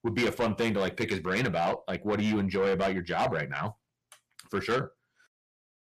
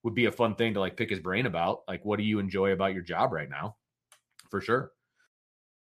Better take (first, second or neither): second